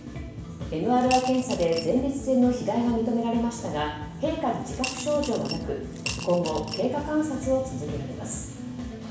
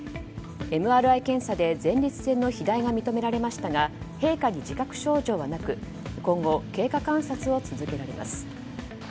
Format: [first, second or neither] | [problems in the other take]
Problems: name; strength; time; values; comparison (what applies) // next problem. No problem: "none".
second | background sound (Coin (dropping) / Glass); 12 dB below the speech // room echo; dies away in 0.7 s